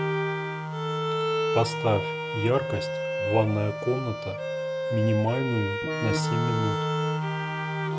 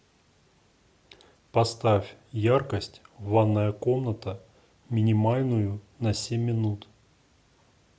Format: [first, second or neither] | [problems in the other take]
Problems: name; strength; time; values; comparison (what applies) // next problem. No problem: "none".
second | background sound (Organ + Bowed string instrument); 1 dB above the speech